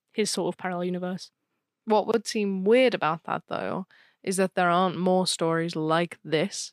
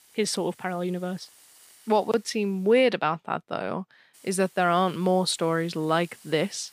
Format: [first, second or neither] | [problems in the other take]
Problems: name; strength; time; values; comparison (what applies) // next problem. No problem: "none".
first | hiss; faint; until 2.5 s and from 4 s on; 25 dB below the speech